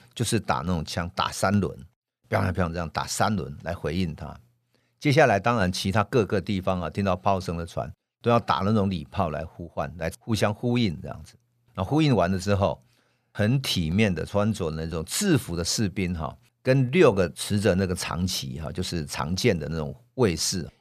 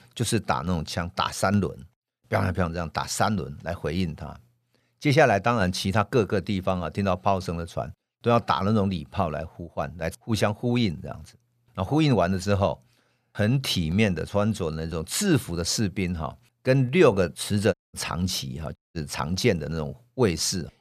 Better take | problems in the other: first | audio cutting out; at 18 s and at 19 s

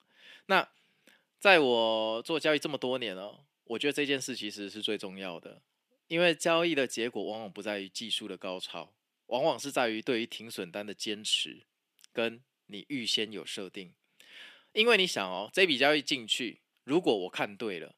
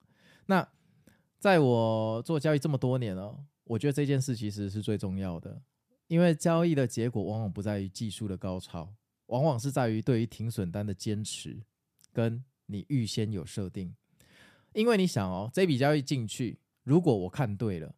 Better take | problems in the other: second | thin; somewhat; fading below 300 Hz

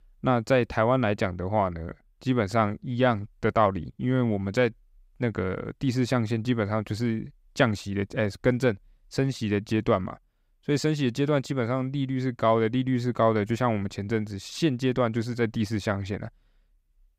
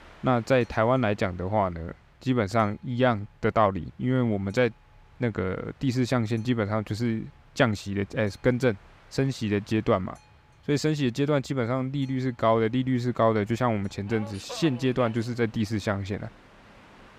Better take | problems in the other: first | train or aircraft noise; faint; throughout; 25 dB below the speech

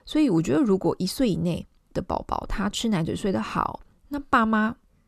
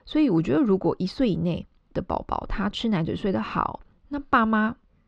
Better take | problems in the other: first | muffled; very slightly; fading above 4 kHz

